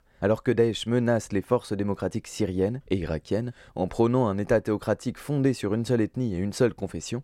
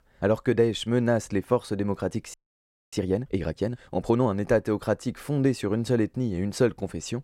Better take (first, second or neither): first